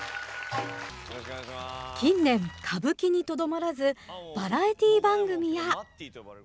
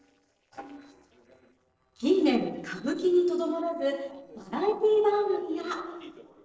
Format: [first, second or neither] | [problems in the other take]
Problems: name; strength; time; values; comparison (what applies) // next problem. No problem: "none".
first | noise reduction (neural separator model SepFormer DNS4)